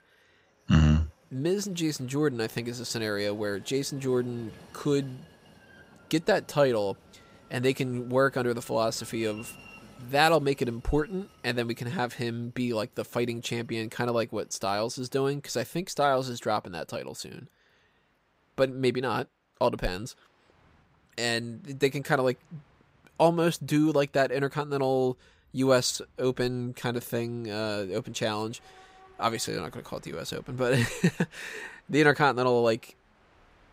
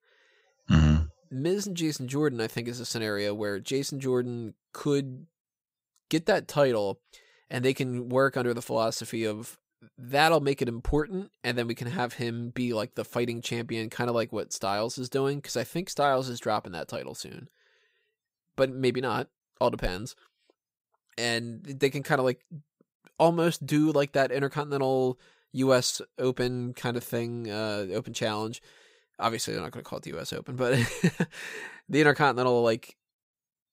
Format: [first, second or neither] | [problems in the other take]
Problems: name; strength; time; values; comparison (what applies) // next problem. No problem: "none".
second | train or aircraft noise; faint; throughout; 30 dB below the speech